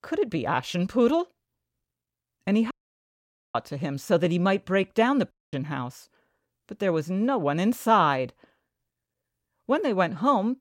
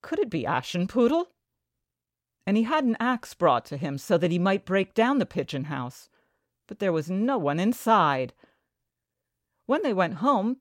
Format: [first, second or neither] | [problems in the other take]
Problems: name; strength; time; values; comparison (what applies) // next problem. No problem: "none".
second | audio cutting out; at 2.5 s for 1 s and at 5.5 s